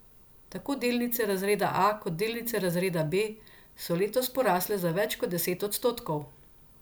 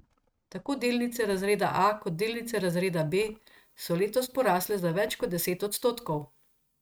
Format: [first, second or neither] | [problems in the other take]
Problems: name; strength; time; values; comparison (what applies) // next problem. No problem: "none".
first | noise reduction (neural mask model RNNoise)